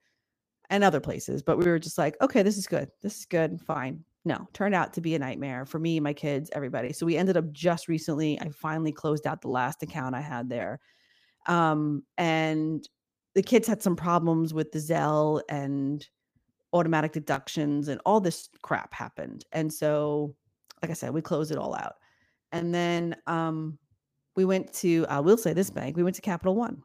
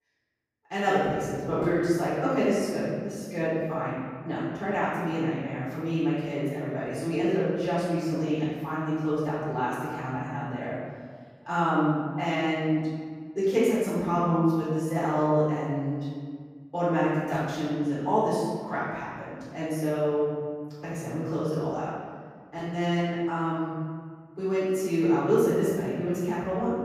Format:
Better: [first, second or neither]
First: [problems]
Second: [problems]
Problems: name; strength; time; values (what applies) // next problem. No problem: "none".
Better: first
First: none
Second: off-mic speech; far // room echo; strong; dies away in 1.7 s